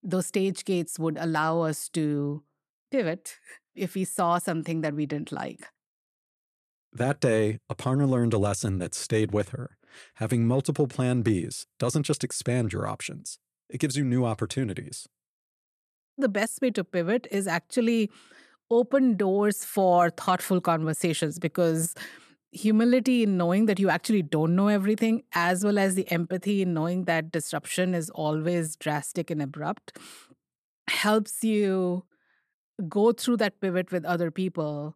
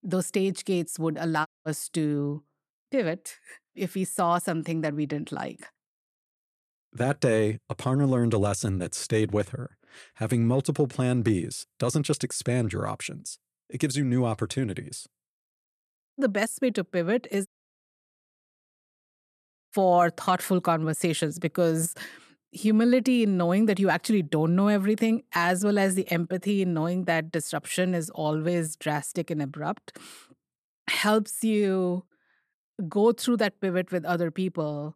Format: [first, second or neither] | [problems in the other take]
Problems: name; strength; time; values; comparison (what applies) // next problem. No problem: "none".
first | audio cutting out; at 1.5 s and at 17 s for 2.5 s